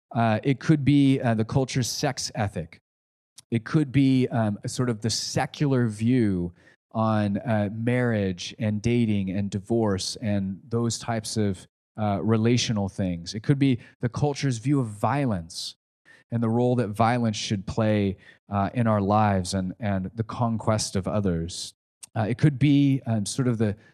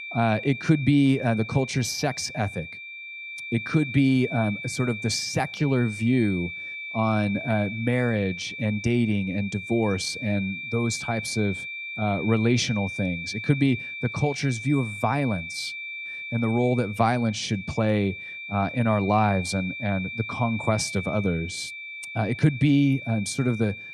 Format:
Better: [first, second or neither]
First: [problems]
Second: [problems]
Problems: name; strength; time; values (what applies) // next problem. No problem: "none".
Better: first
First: none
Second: high-pitched whine; loud; throughout; 2.5 kHz, 9 dB below the speech